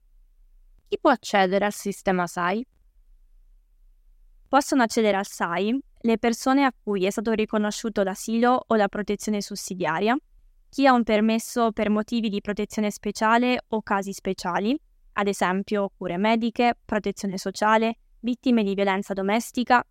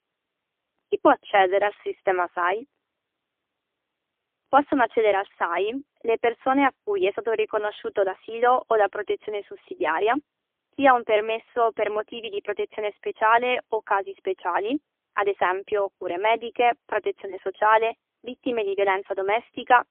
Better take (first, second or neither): first